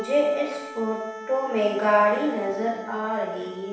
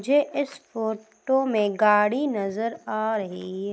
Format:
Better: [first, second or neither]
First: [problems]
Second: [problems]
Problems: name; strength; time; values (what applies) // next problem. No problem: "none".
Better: second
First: background sound (Wind instrument, woodwind instrument); 14 dB below the speech // room echo; dies away in 0.9 s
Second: none